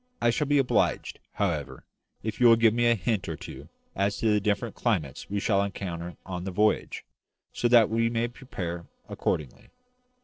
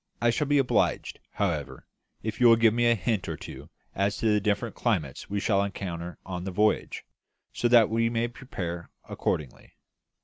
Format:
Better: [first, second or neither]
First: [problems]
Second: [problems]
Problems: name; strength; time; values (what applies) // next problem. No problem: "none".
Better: second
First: noise reduction (neural separator model SepFormer DNS4)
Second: none